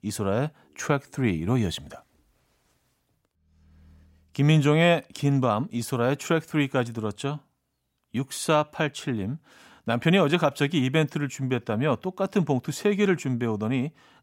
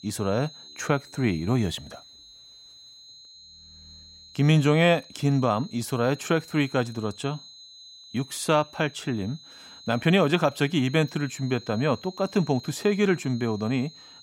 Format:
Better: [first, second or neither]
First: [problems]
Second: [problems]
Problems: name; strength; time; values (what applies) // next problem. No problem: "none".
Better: first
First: none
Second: high-pitched whine; noticeable; throughout; 4 kHz, 20 dB below the speech